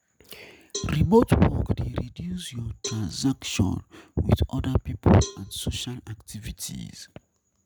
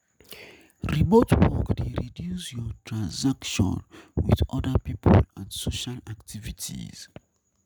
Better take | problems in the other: second | background sound (Cowbell); 18 dB below the speech

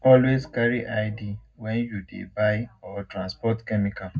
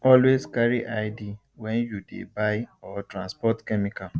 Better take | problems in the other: second | room echo; dies away in 0.3 s

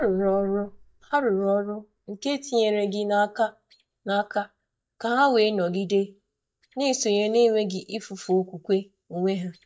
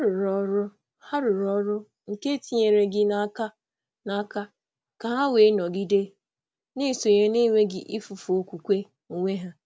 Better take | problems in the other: second | noise reduction (neural mask model DeepFilterNet 3)

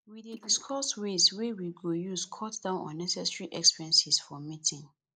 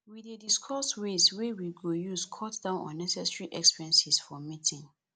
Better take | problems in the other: second | noise reduction (neural mask model Resemble Enhance denoiser)

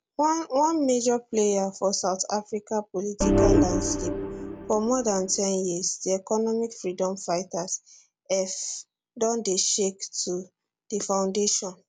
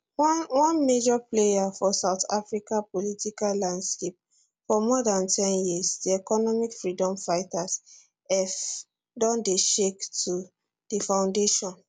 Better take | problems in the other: second | background sound (Organ); 2 dB above the speech

